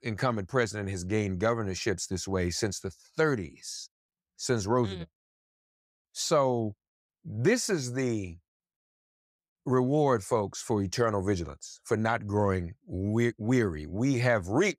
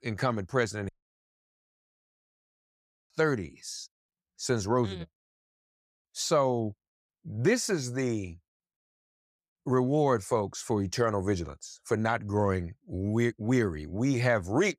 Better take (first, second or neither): first